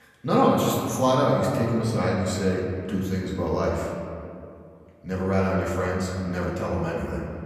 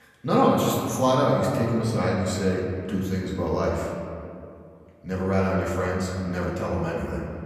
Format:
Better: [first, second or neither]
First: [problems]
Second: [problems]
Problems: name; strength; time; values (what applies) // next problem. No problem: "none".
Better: neither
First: room echo; noticeable; dies away in 2.1 s // off-mic speech; far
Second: room echo; noticeable; dies away in 2.1 s // off-mic speech; far